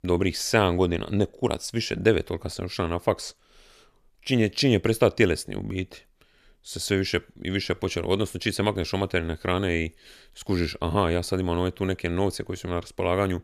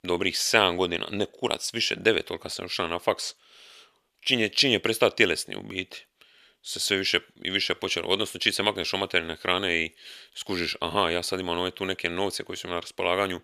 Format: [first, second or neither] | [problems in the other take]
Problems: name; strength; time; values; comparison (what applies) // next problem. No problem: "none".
first | thin; somewhat; fading below 1 kHz